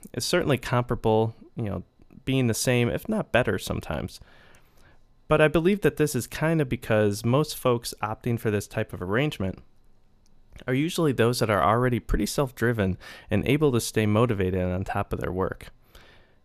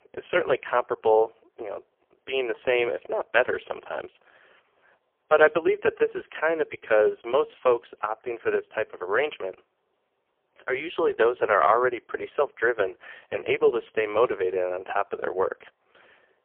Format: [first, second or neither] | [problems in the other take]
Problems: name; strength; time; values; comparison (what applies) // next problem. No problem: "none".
first | phone-call audio; poor line; nothing above 3 kHz